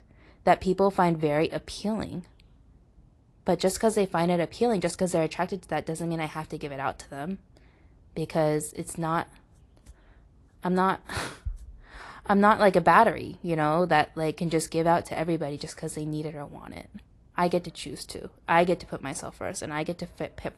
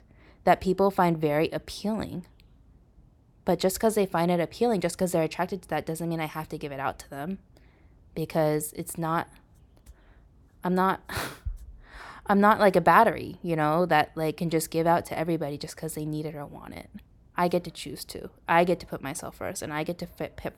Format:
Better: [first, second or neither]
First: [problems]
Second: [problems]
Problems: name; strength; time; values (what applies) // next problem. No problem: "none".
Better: second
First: garbled, watery; slightly; nothing above 11.5 kHz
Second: none